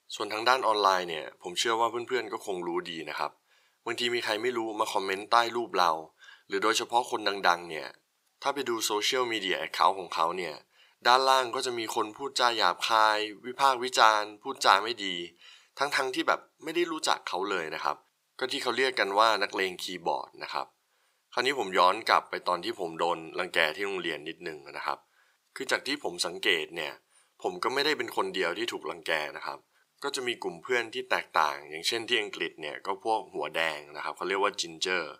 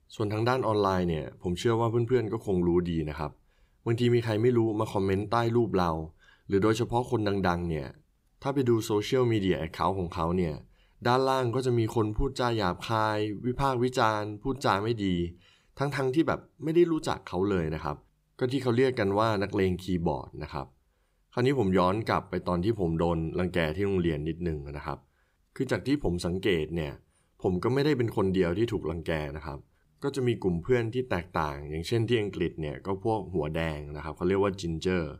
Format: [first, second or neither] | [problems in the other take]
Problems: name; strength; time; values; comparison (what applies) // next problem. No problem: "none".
second | thin; very; fading below 750 Hz